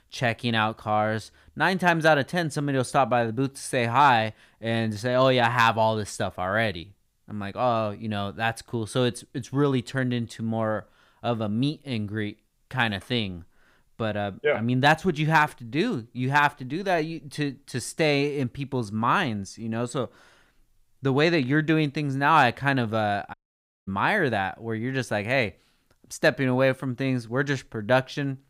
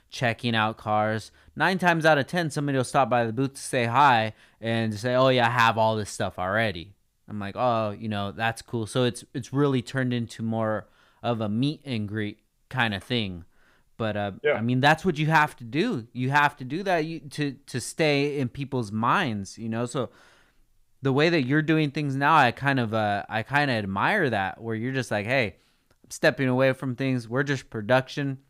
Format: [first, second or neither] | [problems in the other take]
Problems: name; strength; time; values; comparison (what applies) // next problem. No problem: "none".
second | audio cutting out; at 23 s for 0.5 s